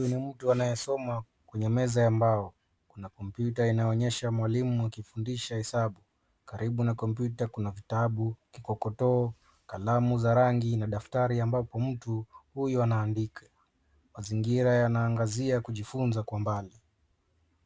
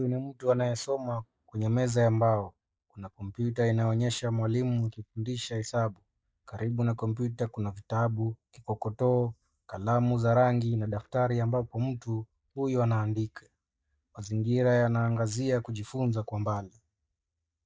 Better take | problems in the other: first | noise reduction (neural mask model DeepFilterNet 3)

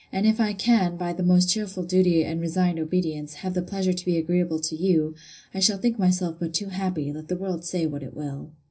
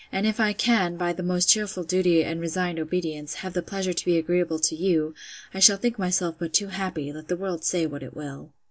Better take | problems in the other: second | room echo; dies away in 0.4 s

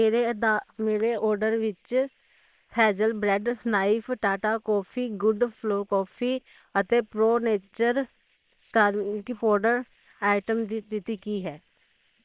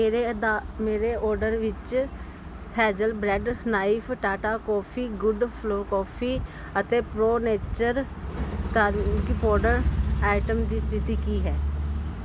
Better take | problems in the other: second | noise reduction (neural separator model SepFormer WHAM!)

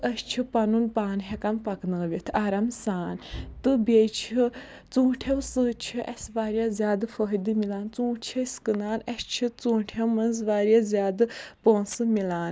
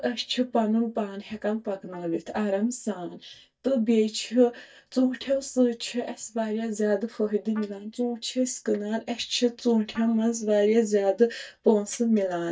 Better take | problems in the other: first | noise reduction (neural mask model DeepFilterNet 3)

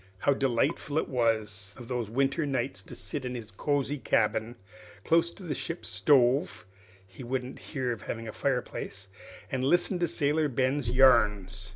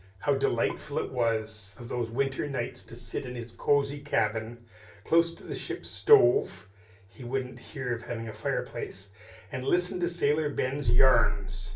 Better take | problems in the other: first | room echo; dies away in 0.3 s

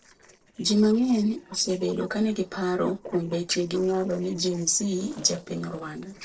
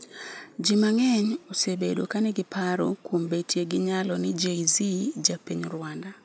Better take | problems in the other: second | noise reduction (neural separator model SepFormer DNS4)

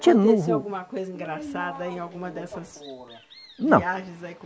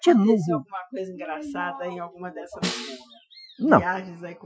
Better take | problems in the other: first | noise reduction (classical method Wiener filter)

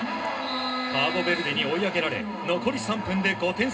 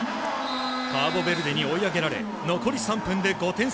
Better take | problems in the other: second | room echo; dies away in 0.2 s

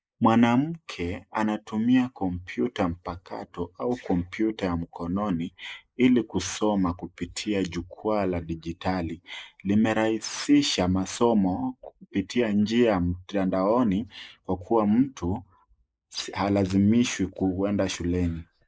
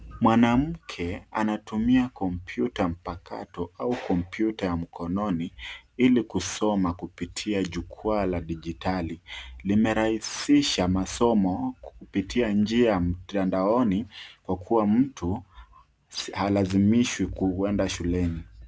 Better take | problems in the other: second | noise reduction (neural mask model Resemble Enhance denoiser)

